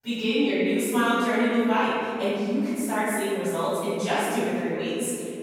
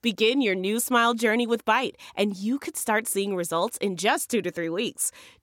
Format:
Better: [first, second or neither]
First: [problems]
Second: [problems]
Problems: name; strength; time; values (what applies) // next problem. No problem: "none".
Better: second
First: room echo; strong; dies away in 2.4 s // off-mic speech; far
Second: none